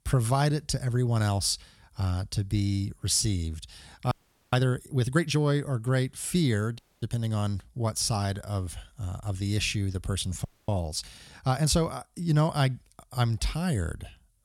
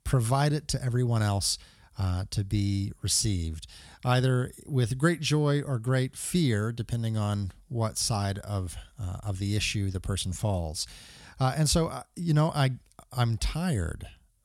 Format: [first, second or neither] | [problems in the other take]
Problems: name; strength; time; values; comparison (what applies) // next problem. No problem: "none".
second | audio freezing; at 4 s, at 7 s and at 10 s